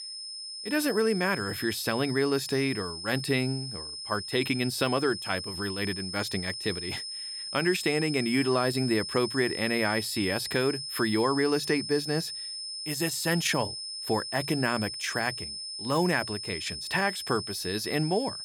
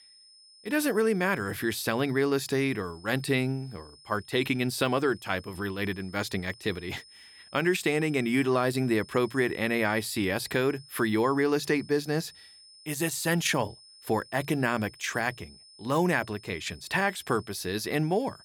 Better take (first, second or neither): second